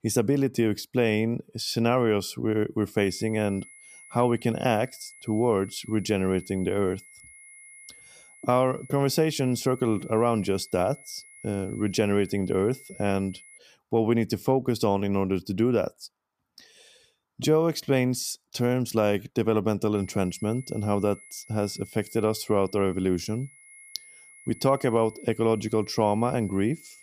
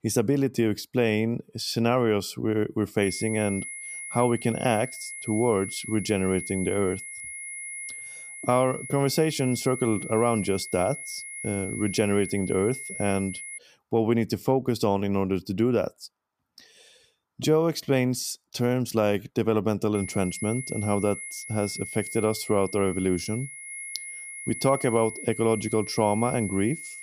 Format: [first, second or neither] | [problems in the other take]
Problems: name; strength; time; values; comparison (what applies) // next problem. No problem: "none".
first | high-pitched whine; loud; from 3 to 14 s and from 20 s on; 2 kHz, 9 dB below the speech; faint in the first